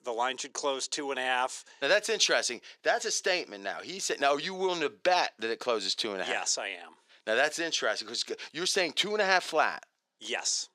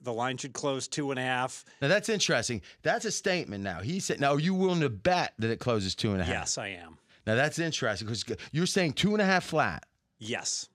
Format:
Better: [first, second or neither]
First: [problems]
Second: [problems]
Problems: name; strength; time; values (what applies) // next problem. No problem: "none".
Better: second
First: thin; very; fading below 350 Hz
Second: none